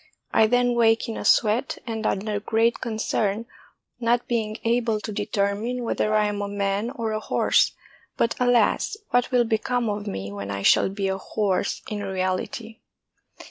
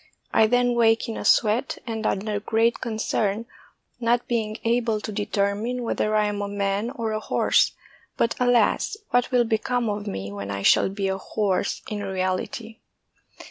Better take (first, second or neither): second